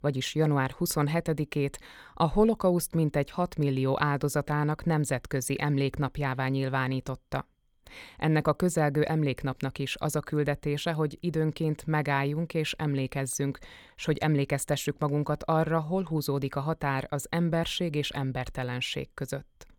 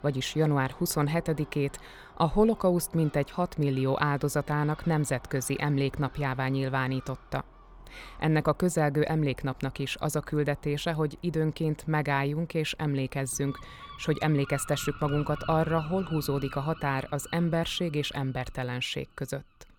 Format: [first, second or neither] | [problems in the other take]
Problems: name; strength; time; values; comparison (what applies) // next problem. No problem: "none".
first | animal sounds; noticeable; throughout; 20 dB below the speech